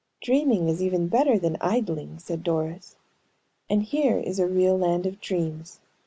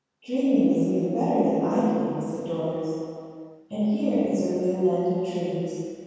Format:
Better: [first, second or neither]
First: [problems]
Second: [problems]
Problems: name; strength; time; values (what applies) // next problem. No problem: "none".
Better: first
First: none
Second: room echo; dies away in 2.1 s